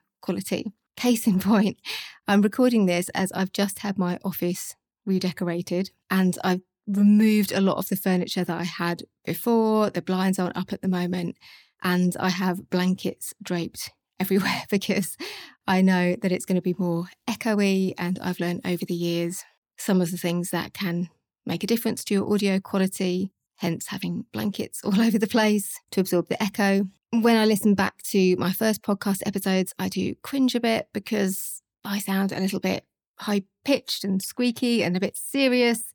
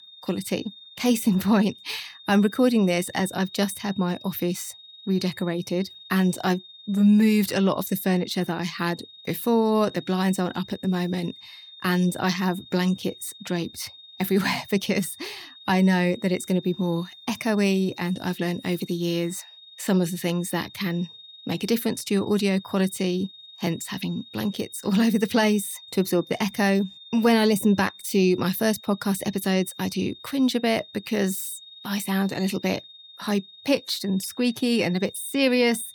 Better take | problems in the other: first | high-pitched whine; noticeable; throughout; 3.5 kHz, 20 dB below the speech

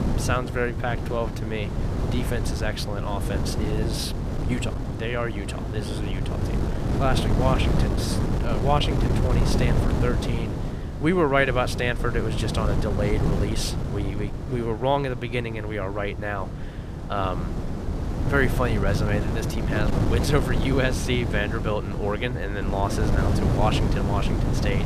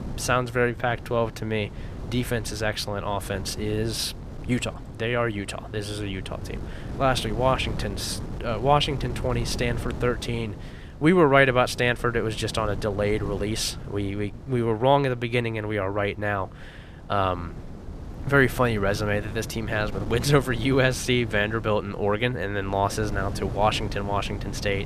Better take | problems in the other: second | wind noise on the microphone; heavy; 6 dB below the speech; occasional gusts in the second

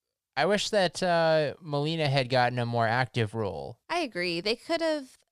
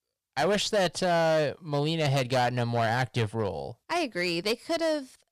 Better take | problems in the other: first | distortion; slight; 9% of the sound clipped

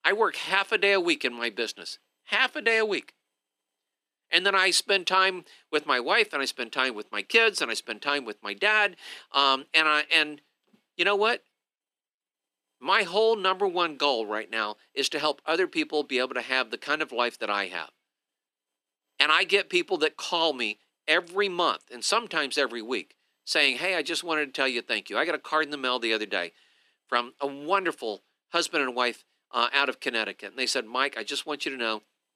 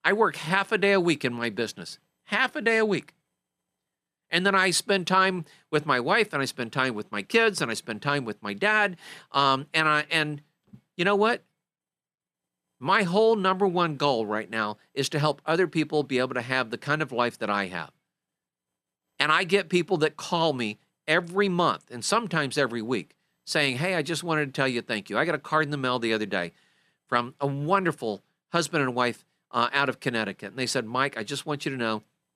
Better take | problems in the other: second | thin; somewhat; fading below 300 Hz

